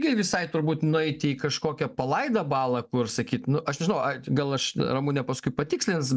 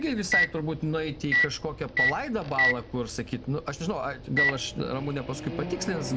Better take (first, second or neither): first